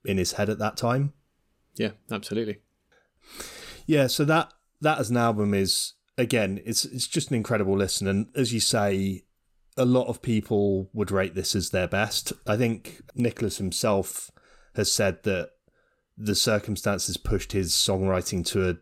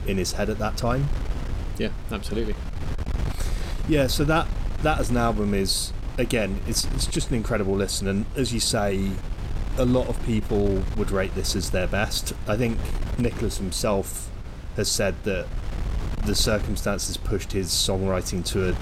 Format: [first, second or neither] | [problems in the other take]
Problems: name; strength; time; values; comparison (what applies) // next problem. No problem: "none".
first | wind noise on the microphone; occasional gusts; 15 dB below the speech